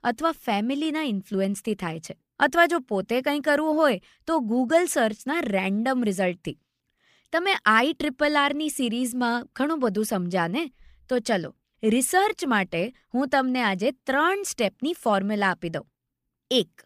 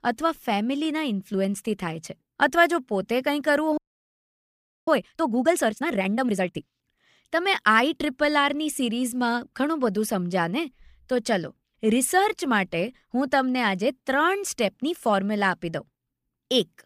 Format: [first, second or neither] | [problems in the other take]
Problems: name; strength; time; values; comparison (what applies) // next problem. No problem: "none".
first | audio freezing; at 4 s for 1 s